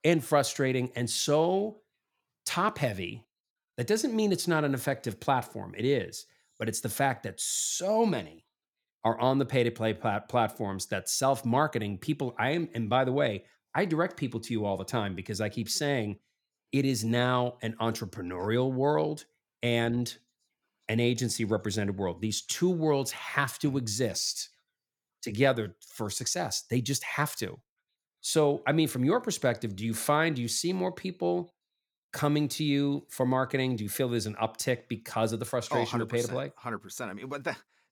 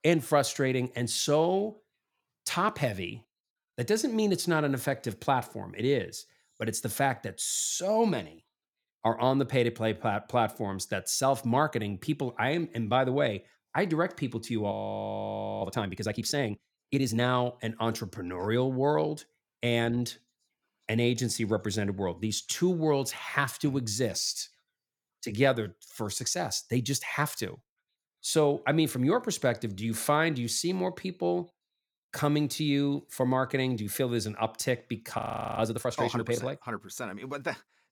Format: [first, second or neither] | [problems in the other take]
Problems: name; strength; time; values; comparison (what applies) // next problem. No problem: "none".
first | audio freezing; at 15 s for 1 s and at 35 s